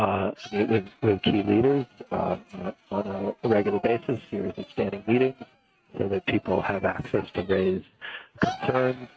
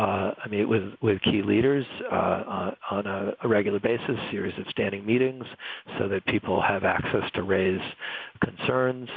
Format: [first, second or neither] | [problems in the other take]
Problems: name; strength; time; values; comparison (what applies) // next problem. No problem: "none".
second | noise reduction (neural mask model RNNoise)